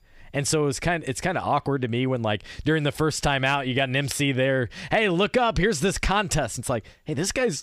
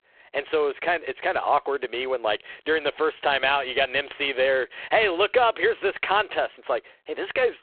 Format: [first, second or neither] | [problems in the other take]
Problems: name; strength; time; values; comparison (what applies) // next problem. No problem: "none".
first | phone-call audio; poor line